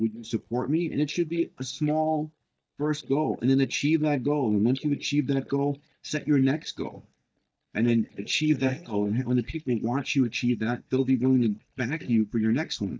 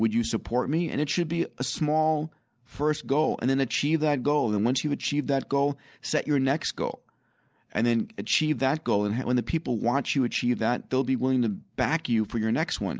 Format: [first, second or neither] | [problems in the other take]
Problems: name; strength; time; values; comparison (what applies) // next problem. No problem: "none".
second | noise reduction (neural mask model DeepFilterNet 3)